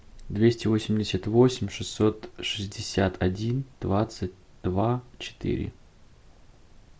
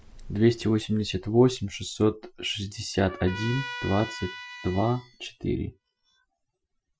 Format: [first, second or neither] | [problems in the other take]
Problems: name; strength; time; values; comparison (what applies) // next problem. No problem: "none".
first | noise reduction (classical method Wiener filter)